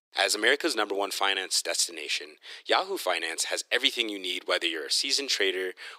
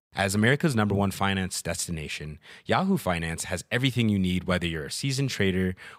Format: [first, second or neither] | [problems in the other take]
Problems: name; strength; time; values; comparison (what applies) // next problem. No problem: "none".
second | thin; very; fading below 300 Hz